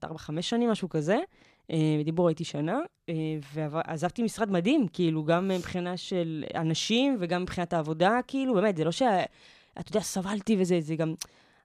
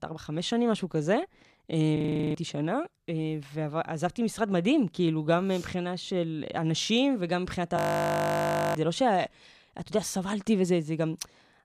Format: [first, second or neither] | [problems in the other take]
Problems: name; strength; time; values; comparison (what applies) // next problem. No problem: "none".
first | audio freezing; at 2 s and at 8 s for 1 s